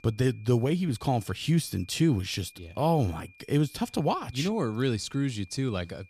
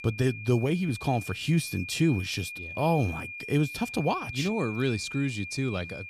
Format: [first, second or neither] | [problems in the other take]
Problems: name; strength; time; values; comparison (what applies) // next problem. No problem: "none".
first | high-pitched whine; loud; throughout; 2.5 kHz, 9 dB below the speech; faint in the first